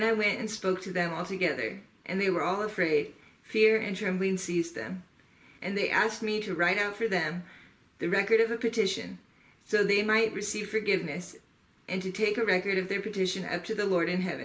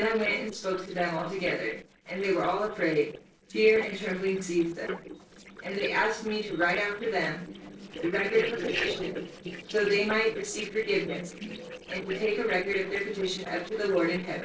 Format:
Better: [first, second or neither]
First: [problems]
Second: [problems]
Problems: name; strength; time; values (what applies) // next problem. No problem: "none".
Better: first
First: none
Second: noise reduction (neural separator model SepFormer DNS4)